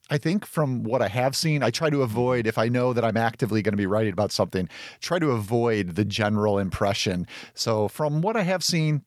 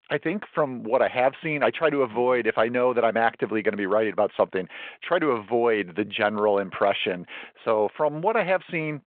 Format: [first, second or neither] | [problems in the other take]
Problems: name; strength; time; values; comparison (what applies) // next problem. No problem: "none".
first | phone-call audio